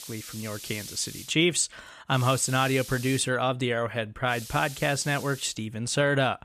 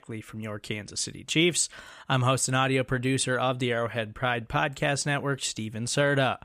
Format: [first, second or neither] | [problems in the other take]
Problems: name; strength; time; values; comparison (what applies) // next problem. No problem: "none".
second | hiss; noticeable; until 1.5 s, from 2 to 3 s and from 4.5 to 5.5 s; 15 dB below the speech